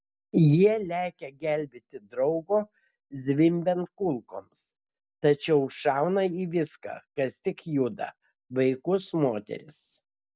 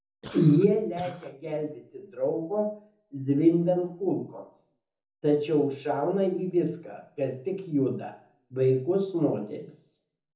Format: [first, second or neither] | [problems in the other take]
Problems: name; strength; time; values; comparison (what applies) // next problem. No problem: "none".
first | background sound (Cough); 17 dB below the speech // room echo; dies away in 0.6 s